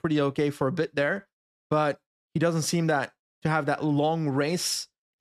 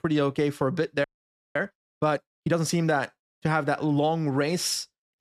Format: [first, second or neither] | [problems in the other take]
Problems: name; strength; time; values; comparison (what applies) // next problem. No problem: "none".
first | audio freezing; at 1 s for 0.5 s